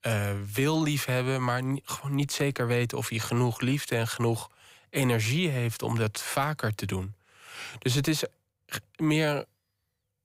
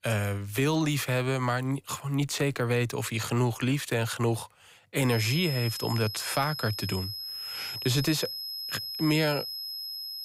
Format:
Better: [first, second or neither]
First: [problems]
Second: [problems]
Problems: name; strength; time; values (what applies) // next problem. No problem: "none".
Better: first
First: none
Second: high-pitched whine; loud; from 5 s on; 5 kHz, 6 dB below the speech